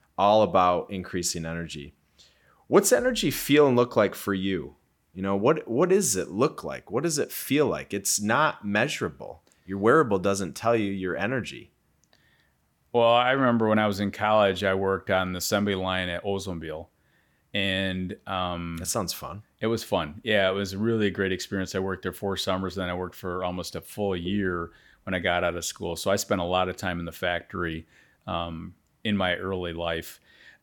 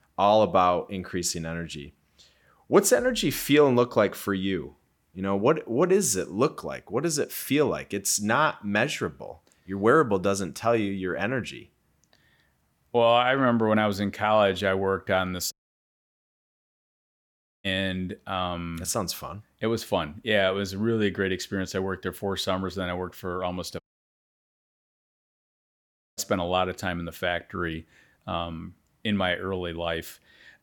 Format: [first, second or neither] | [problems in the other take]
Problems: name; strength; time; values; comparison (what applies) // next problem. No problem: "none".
first | audio cutting out; at 16 s for 2 s and at 24 s for 2.5 s